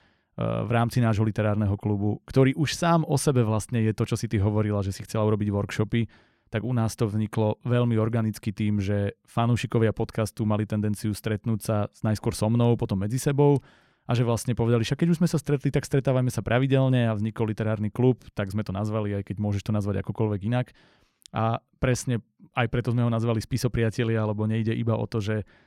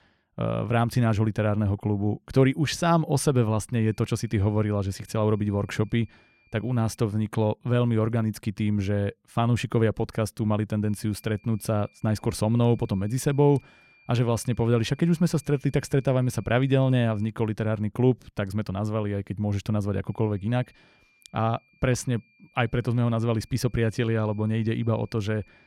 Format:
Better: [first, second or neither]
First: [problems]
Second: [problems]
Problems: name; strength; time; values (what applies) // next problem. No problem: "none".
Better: first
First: none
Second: high-pitched whine; faint; from 4 to 7 s, from 11 to 17 s and from 20 s on; 2.5 kHz, 35 dB below the speech